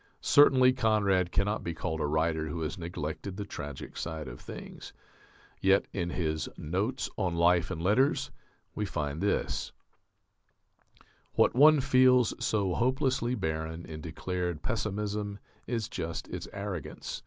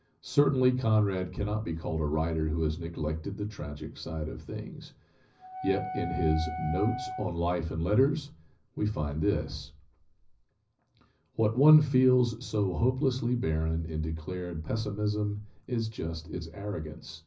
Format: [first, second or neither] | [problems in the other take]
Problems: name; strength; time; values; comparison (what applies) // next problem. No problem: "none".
first | background sound (Wind instrument, woodwind instrument); 9 dB below the speech // room echo; dies away in 0.4 s